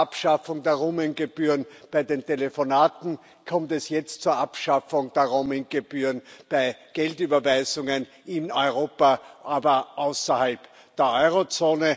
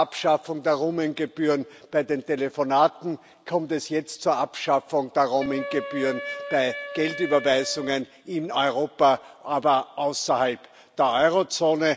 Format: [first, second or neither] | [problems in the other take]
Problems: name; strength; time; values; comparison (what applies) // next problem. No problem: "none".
first | background sound (Wind instrument, woodwind instrument); 12 dB below the speech